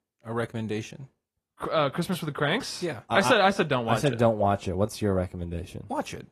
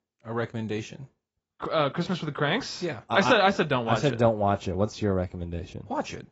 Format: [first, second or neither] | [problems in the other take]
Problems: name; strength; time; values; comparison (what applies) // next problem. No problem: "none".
first | garbled, watery; badly; nothing above 7.5 kHz; slightly in the first